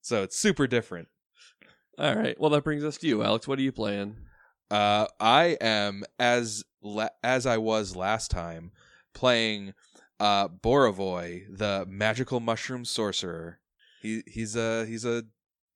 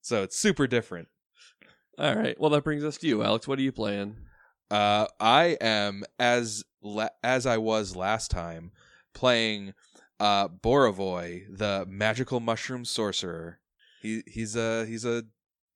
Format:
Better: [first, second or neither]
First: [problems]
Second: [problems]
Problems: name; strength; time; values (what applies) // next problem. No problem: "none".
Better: neither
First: none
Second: none